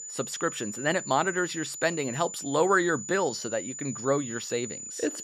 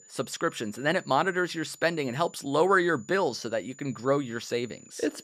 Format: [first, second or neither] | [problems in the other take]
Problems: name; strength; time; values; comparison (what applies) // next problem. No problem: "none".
second | high-pitched whine; loud; throughout; 7 kHz, 8 dB below the speech; faint in the second